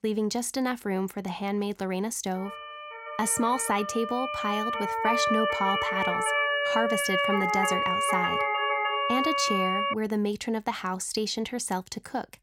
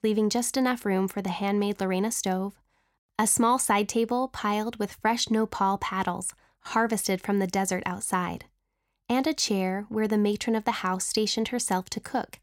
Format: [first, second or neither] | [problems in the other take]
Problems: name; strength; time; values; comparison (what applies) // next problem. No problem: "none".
second | siren; loud; from 2.5 to 10 s; peak 5 dB above the speech